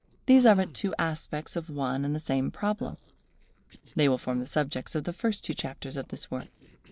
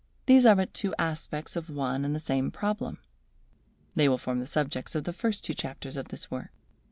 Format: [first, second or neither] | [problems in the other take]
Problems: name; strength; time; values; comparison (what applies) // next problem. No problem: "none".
second | noise reduction (neural separator model SepFormer DNS4)